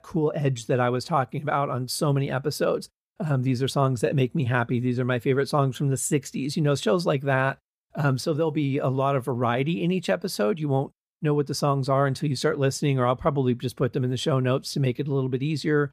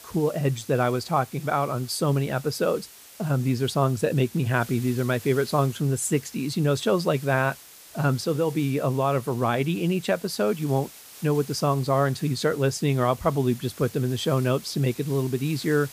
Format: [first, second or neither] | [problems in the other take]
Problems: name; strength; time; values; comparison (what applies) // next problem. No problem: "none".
first | hiss; noticeable; throughout; 20 dB below the speech